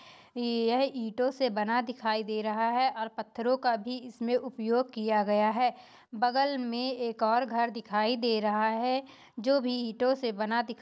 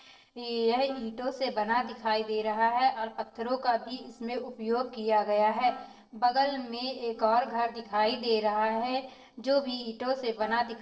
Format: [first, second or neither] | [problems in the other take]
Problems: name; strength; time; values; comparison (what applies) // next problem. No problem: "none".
first | noise reduction (neural separator model SepFormer DNS4)